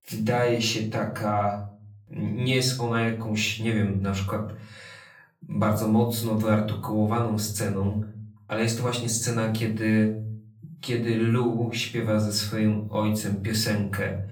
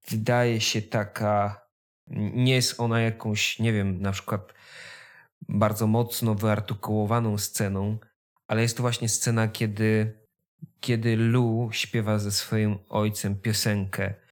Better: second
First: off-mic speech; far // room echo; slight; dies away in 0.4 s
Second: none

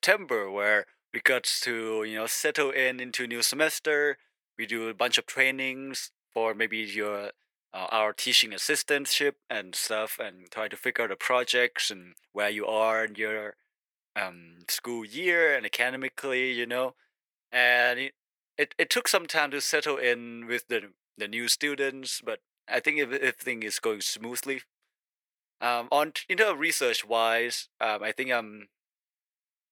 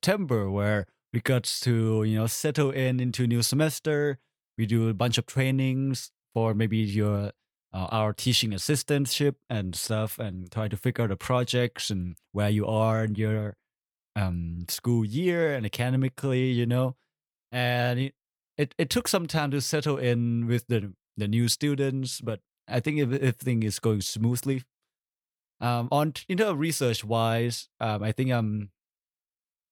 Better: second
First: thin; very; fading below 400 Hz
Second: none

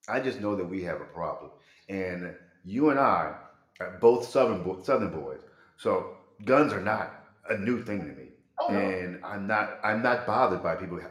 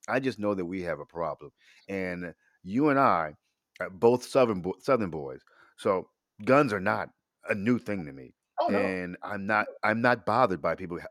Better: second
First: room echo; slight; dies away in 0.6 s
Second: none

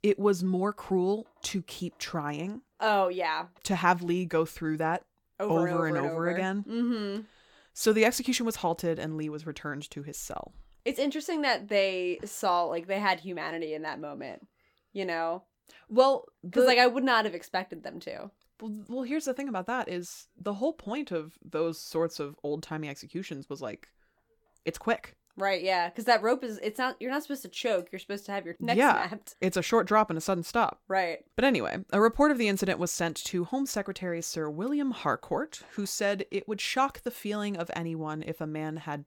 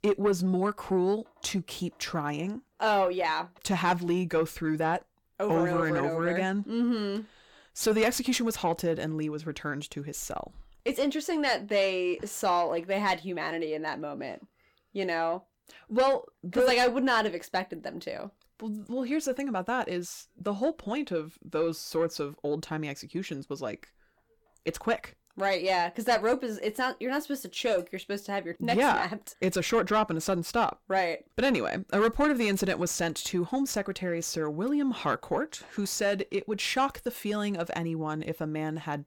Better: first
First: none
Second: distortion; slight; 10 dB below the speech

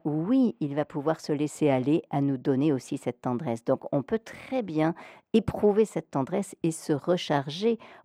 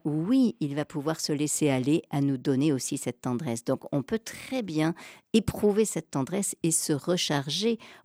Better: second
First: muffled; very; fading above 4 kHz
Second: none

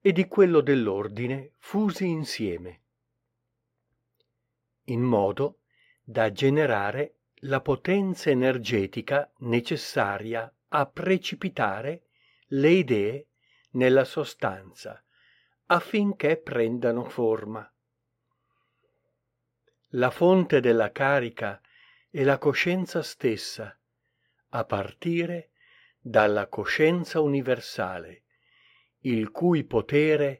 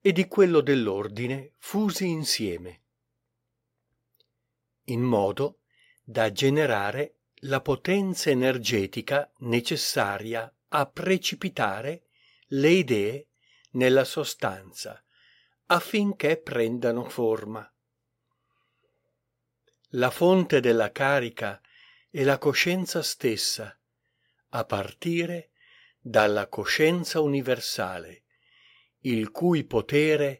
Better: second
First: muffled; slightly; fading above 3.5 kHz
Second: none

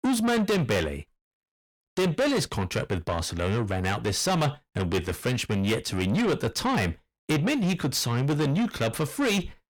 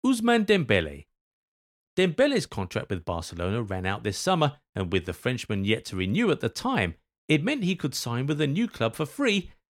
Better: second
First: distortion; heavy; 6 dB below the speech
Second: none

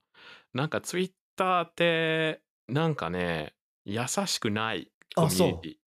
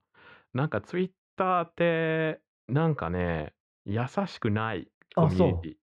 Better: first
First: none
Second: muffled; very; fading above 2 kHz

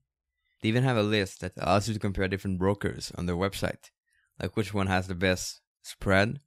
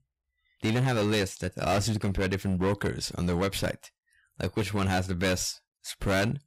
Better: first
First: none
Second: distortion; heavy; 12% of the sound clipped

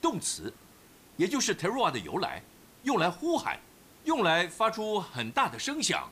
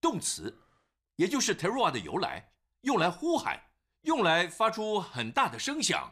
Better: second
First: hiss; faint; throughout; 25 dB below the speech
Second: none

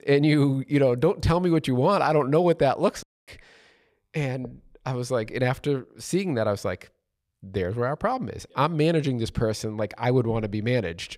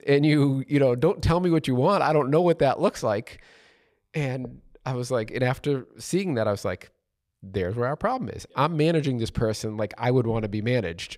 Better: second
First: audio cutting out; at 3 s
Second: none

